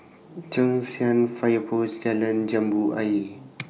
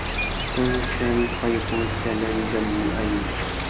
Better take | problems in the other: first | background sound (Cricket); 1 dB below the speech

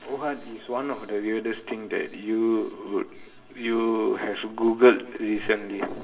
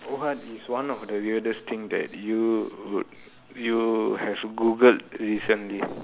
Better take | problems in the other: second | room echo; dies away in 0.6 s

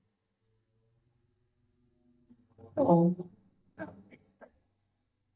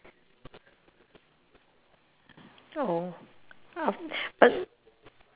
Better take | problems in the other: second | noise reduction (neural mask model DeepFilterNet 3)

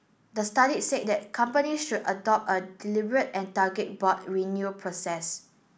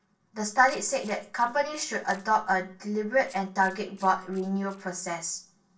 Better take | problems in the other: first | noise reduction (neural separator model SepFormer DNS4)

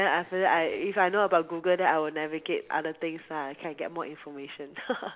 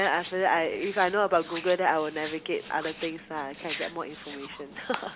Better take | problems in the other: first | background sound (Hands); 14 dB below the speech

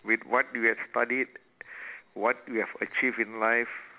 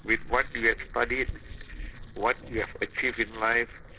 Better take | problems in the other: first | noise reduction (neural separator model SepFormer DNS4)

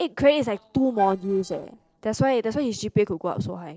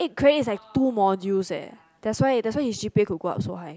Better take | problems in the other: second | noise reduction (neural separator model SepFormer DNS4)

